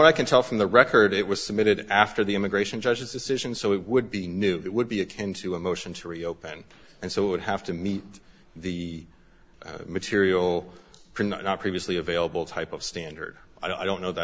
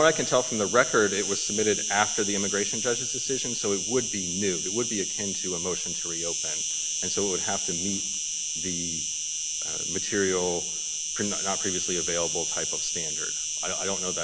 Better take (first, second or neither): first